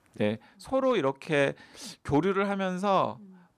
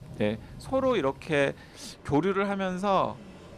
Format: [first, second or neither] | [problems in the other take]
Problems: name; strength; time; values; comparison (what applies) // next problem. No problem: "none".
first | rain or running water; faint; throughout; 20 dB below the speech